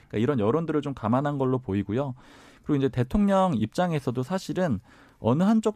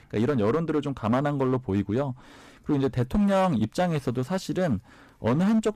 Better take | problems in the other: first | distortion; slight; 9% of the sound clipped

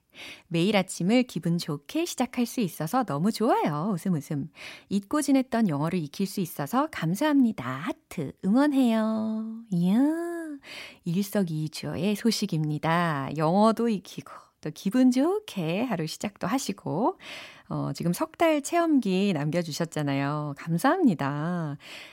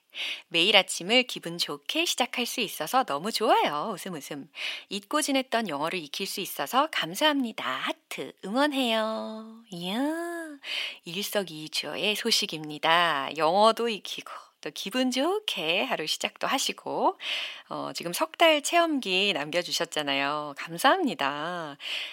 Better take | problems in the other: first | thin; somewhat; fading below 450 Hz

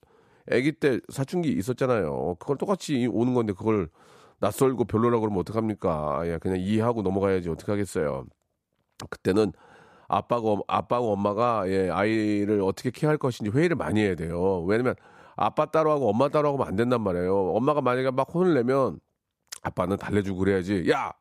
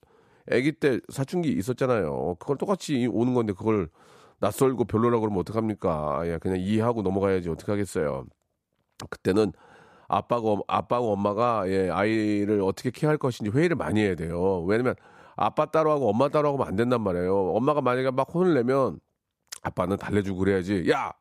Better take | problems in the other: neither | none

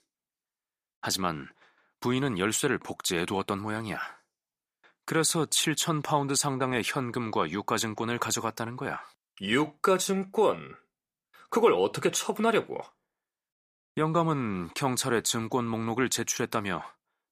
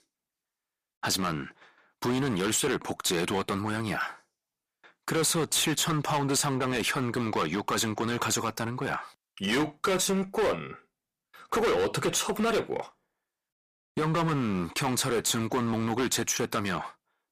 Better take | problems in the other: first | distortion; heavy; 12% of the sound clipped

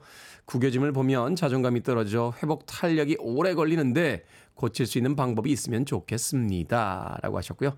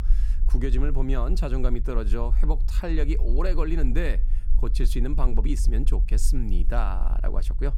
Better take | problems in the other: first | low rumble; noticeable; throughout; 15 dB below the speech

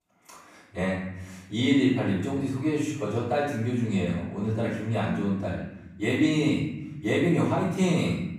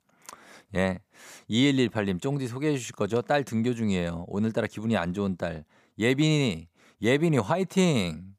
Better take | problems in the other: second | off-mic speech; far // room echo; noticeable; dies away in 1 s

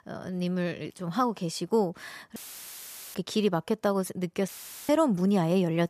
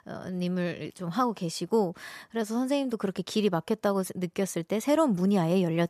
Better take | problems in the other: second | audio cutting out; filled with static; at 2.5 s for 1 s and at 4.5 s

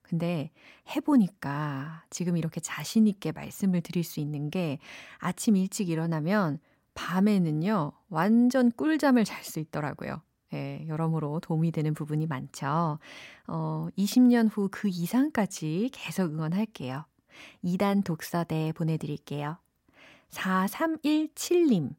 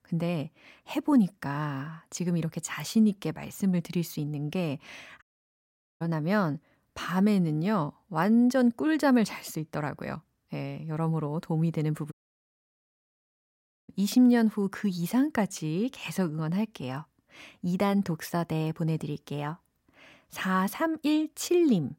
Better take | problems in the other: first | audio cutting out; at 5 s for 1 s and at 12 s for 2 s

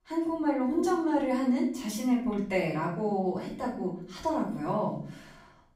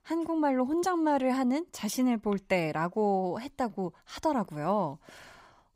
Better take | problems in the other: second | off-mic speech; far // room echo; noticeable; dies away in 0.6 s

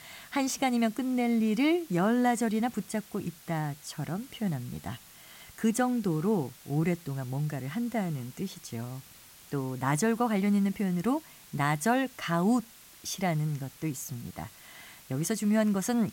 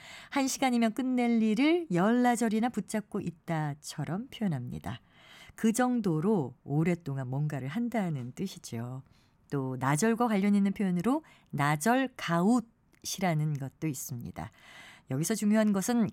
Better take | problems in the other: second | hiss; faint; throughout; 20 dB below the speech

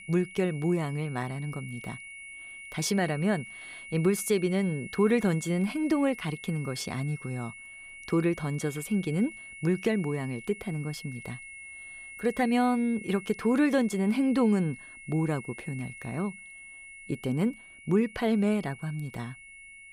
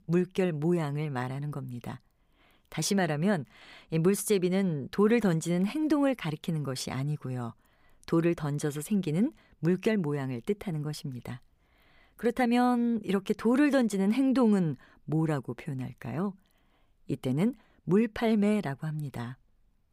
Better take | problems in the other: second | high-pitched whine; noticeable; throughout; 2 kHz, 15 dB below the speech

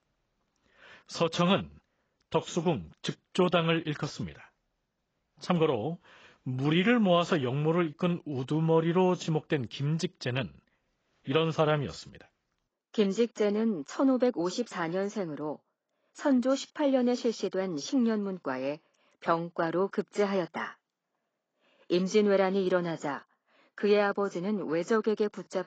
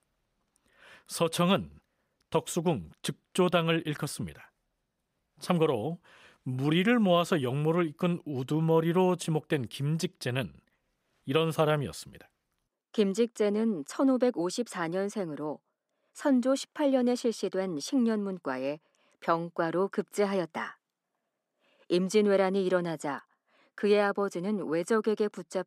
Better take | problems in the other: second | garbled, watery; badly; nothing above 7.5 kHz

